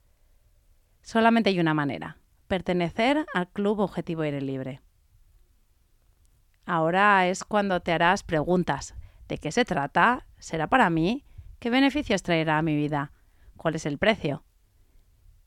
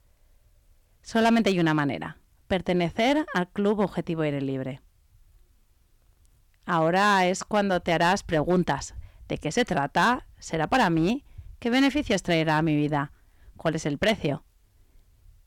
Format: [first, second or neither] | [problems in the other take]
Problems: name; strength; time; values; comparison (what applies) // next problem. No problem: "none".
first | distortion; slight; 3% of the sound clipped